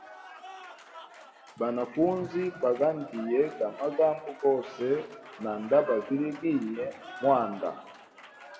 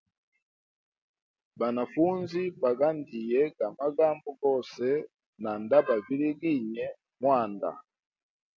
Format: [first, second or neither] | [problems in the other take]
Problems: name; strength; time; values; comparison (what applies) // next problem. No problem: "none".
second | background sound (Applause / Cheering); 17 dB below the speech // room echo; dies away in 1.3 s